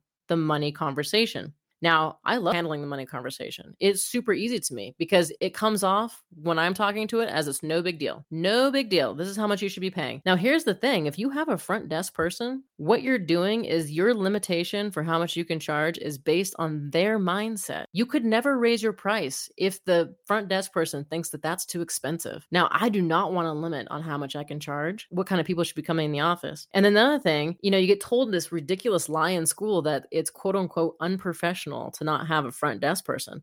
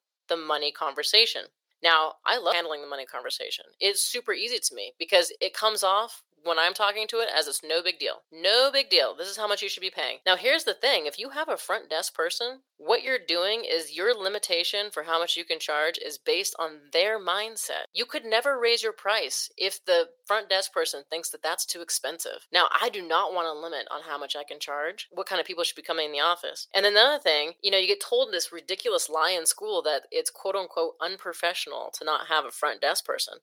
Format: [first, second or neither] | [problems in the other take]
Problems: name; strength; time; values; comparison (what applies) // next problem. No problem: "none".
first | thin; very; fading below 500 Hz